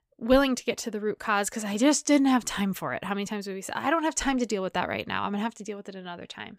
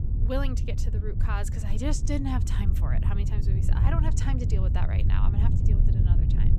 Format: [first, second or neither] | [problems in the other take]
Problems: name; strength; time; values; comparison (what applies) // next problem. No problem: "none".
first | low rumble; loud; throughout; 4 dB below the speech